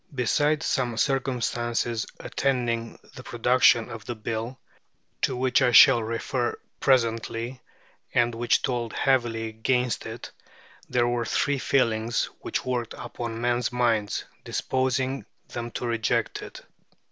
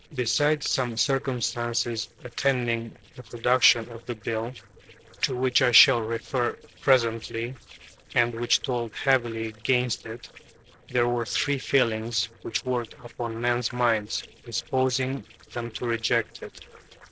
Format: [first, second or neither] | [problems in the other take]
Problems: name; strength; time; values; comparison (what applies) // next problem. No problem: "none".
first | noise reduction (neural separator model SepFormer DNS4)